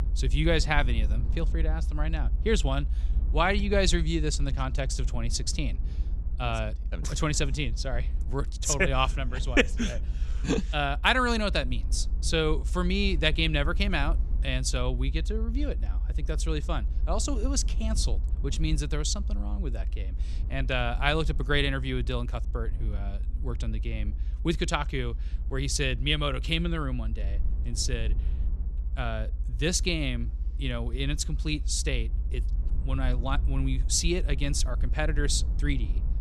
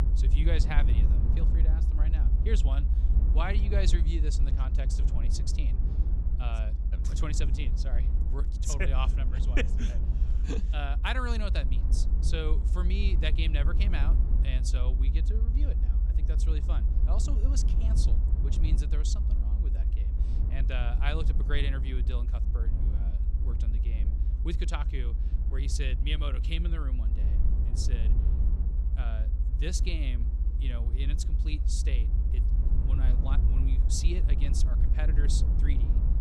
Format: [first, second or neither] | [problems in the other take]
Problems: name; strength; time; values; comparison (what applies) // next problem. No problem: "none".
first | low rumble; loud; throughout; 7 dB below the speech; faint in the first